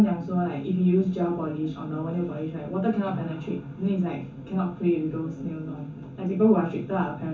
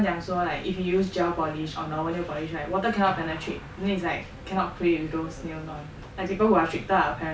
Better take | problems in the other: second | room echo; dies away in 0.3 s

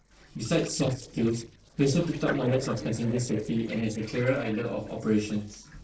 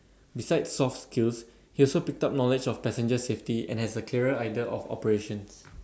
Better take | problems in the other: second | noise reduction (neural separator model SepFormer DNS4)

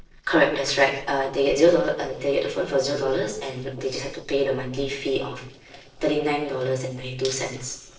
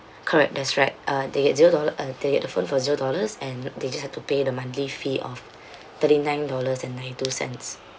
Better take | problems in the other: second | noise reduction (neural separator model SepFormer DNS4)

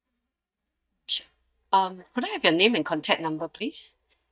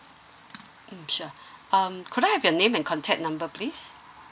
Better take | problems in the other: second | noise reduction (neural mask model DeepFilterNet 3)

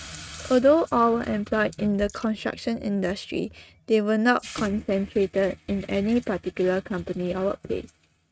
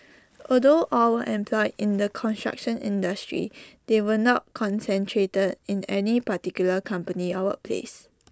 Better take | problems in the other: second | noise reduction (neural mask model RNNoise)

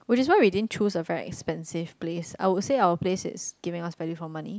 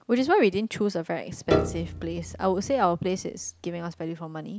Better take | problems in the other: first | background sound (Piano); 5 dB below the speech

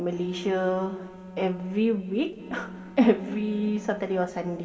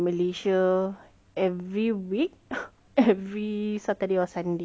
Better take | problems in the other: second | background sound (Bowed string instrument); 17 dB below the speech // room echo; dies away in 2.3 s

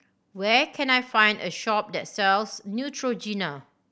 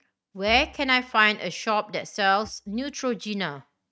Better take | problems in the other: first | noise reduction (neural mask model RNNoise)

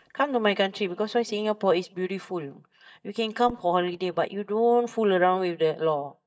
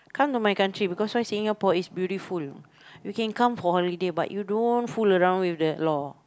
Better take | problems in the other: second | noise reduction (neural mask model DeepFilterNet 3)

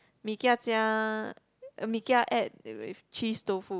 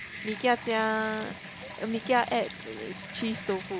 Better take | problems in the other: first | background sound (Bathtub (filling or washing) / Water tap, faucet); 11 dB below the speech

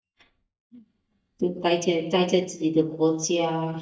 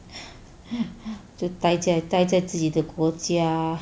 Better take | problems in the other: second | noise reduction (neural mask model DeepFilterNet 3)

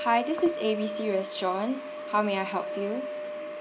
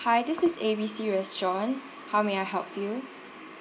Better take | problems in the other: second | background sound (Wind instrument, woodwind instrument); 7 dB below the speech

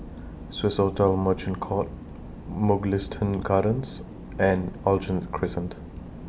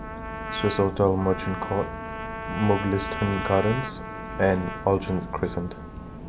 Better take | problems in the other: first | background sound (Trumpet); 9 dB below the speech

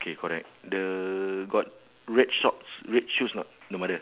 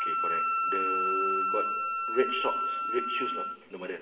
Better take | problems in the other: first | background sound (Wind instrument, woodwind instrument); 5 dB above the speech // room echo; dies away in 2.5 s

